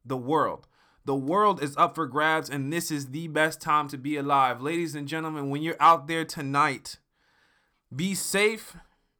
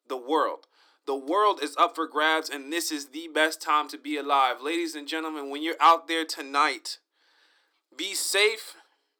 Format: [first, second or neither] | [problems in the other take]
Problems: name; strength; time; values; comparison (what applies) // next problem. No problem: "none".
first | thin; somewhat; fading below 300 Hz